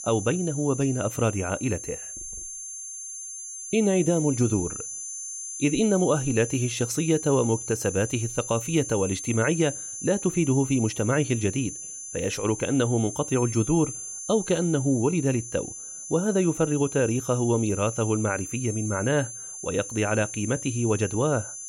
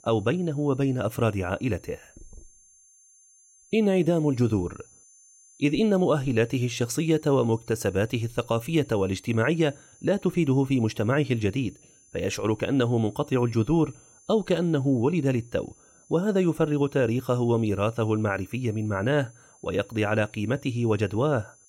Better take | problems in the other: second | high-pitched whine; loud; throughout; 6 kHz, 8 dB below the speech; faint in the second

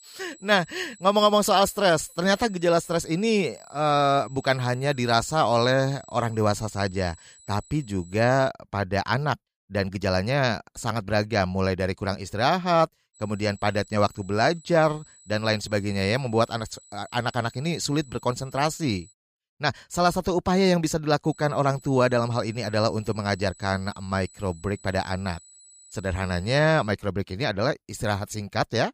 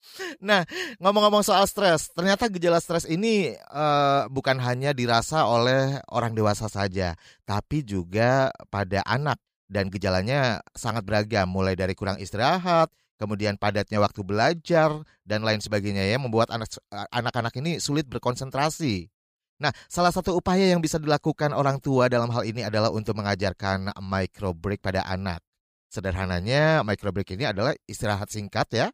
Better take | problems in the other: second | high-pitched whine; faint; until 8.5 s, from 13 to 19 s and from 21 to 27 s; 8 kHz, 25 dB below the speech

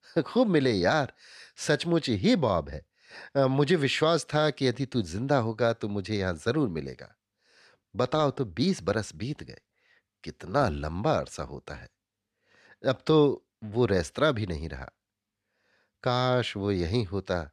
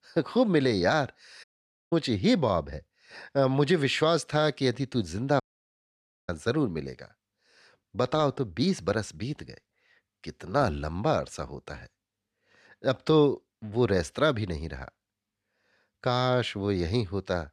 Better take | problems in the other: first | audio cutting out; at 1.5 s and at 5.5 s for 1 s

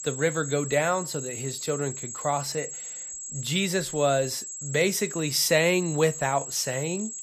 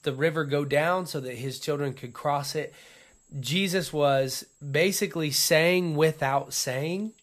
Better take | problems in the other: second | high-pitched whine; loud; throughout; 7.5 kHz, 8 dB below the speech; faint in the second

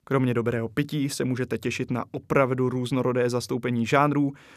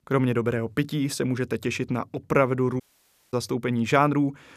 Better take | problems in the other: first | audio cutting out; at 3 s for 0.5 s

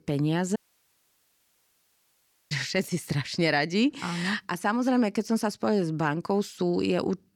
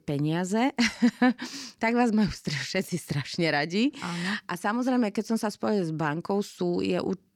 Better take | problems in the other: second | audio cutting out; at 0.5 s for 2 s

